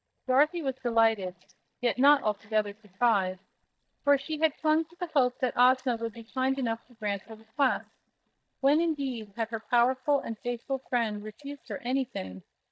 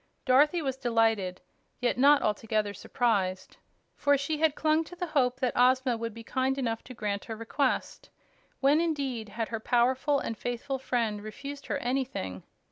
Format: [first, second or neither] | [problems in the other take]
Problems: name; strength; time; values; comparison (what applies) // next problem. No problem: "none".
second | noise reduction (neural mask model DeepFilterNet 3)